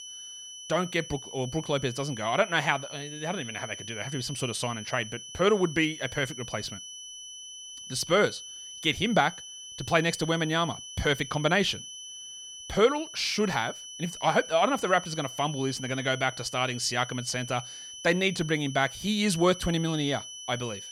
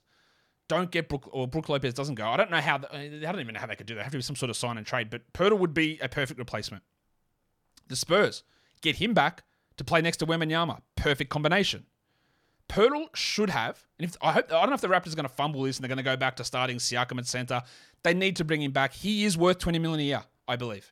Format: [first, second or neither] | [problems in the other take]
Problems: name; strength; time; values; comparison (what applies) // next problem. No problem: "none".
second | high-pitched whine; noticeable; throughout; 3 kHz, 10 dB below the speech